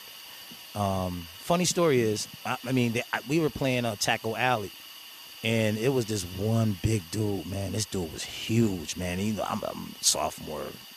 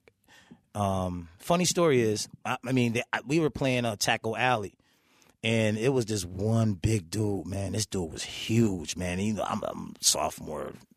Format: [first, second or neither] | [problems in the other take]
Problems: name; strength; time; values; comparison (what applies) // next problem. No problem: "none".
second | hiss; noticeable; throughout; 15 dB below the speech